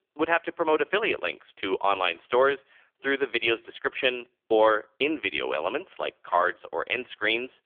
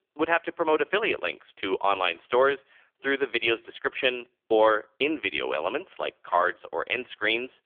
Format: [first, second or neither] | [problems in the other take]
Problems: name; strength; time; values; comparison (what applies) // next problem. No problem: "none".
neither | phone-call audio; poor line; nothing above 3.5 kHz; the same in both